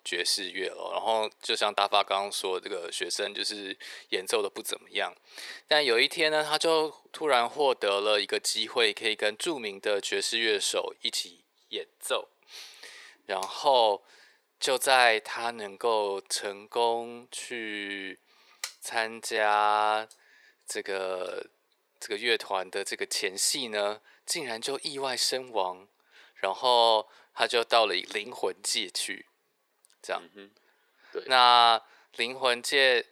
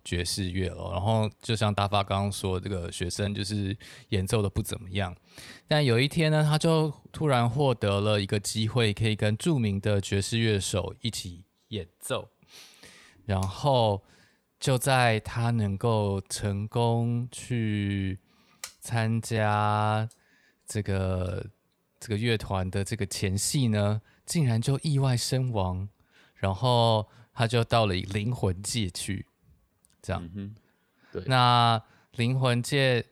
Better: second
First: thin; very; fading below 400 Hz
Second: none

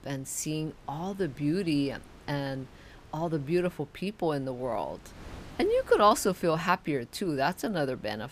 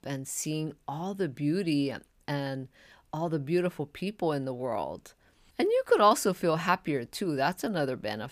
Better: second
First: wind noise on the microphone; occasional gusts; 25 dB below the speech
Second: none

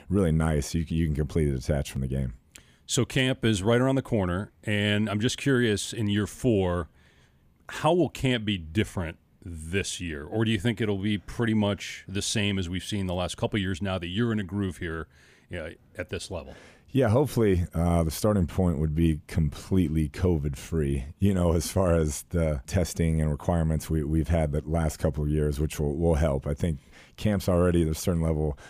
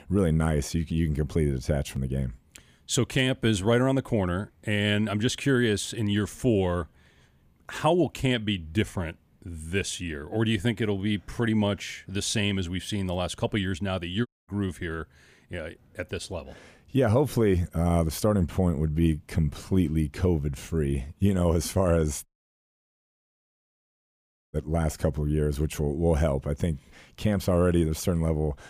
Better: first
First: none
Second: audio cutting out; at 14 s and at 22 s for 2.5 s

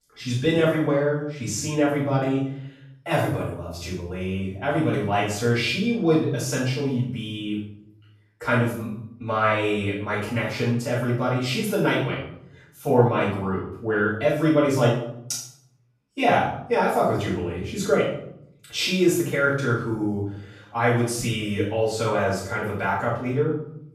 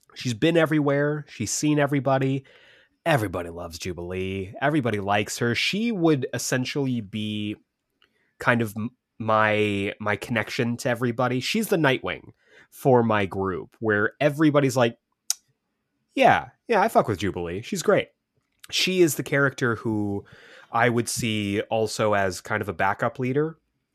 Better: second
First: off-mic speech; far // room echo; noticeable; dies away in 0.6 s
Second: none

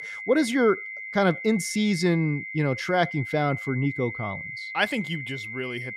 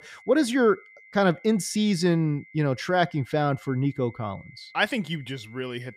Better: second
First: high-pitched whine; loud; throughout; 2 kHz, 8 dB below the speech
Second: high-pitched whine; faint; throughout; 2 kHz, 25 dB below the speech

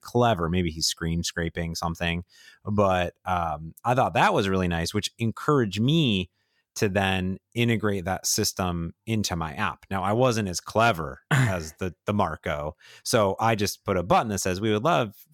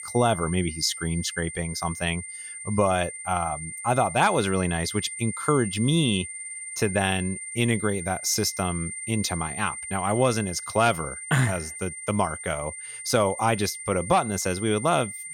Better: first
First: none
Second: high-pitched whine; loud; throughout; 9 kHz, 8 dB below the speech

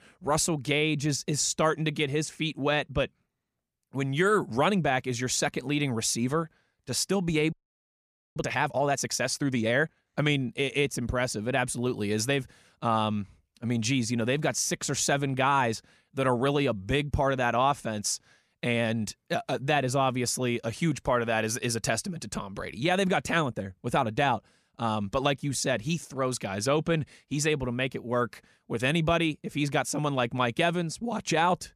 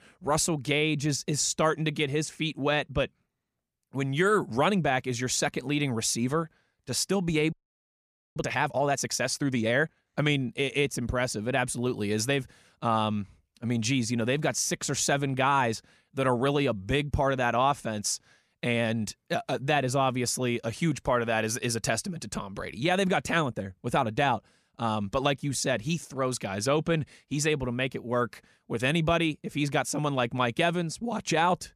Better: neither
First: audio freezing; at 7.5 s for 1 s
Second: audio freezing; at 7.5 s for 1 s

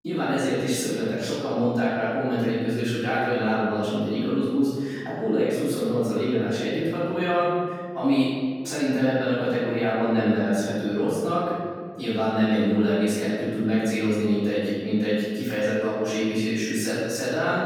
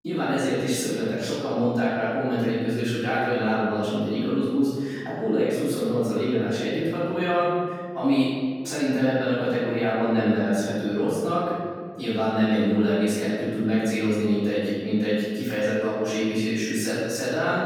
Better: neither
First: off-mic speech; far // room echo; strong; dies away in 1.9 s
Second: off-mic speech; far // room echo; strong; dies away in 1.9 s

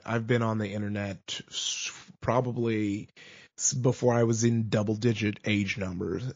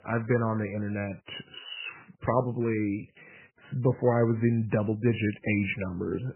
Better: first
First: garbled, watery; slightly; nothing above 6 kHz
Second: garbled, watery; badly; nothing above 3 kHz

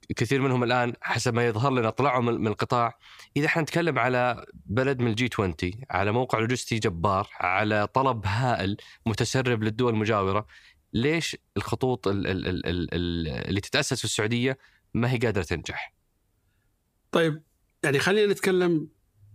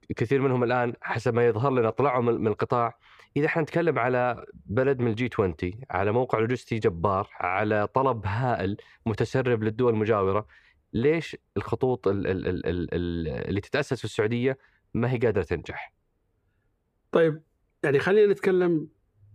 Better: first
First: none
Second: muffled; slightly; fading above 3 kHz

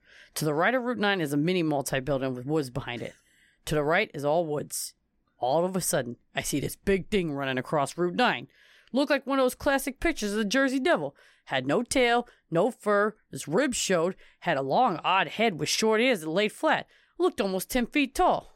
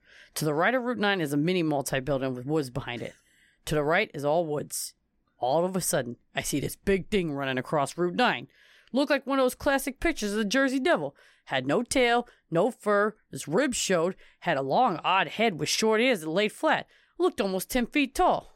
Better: neither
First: none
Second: none

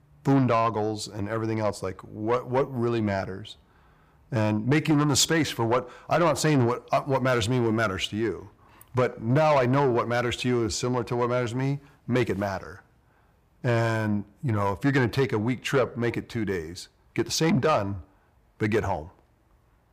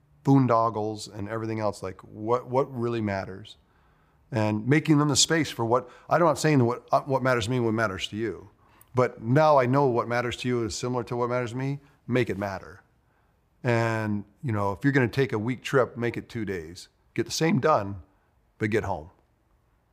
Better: second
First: distortion; slight; 10 dB below the speech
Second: none

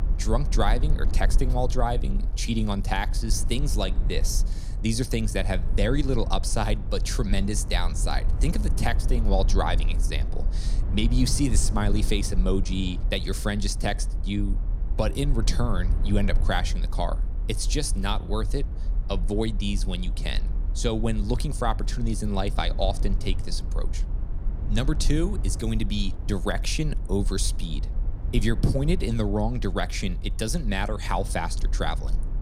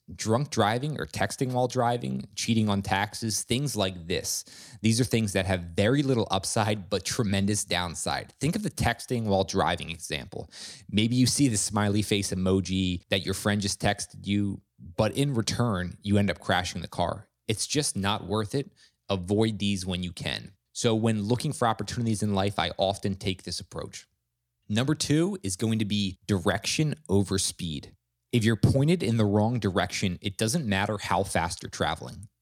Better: second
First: low rumble; noticeable; throughout; 15 dB below the speech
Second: none

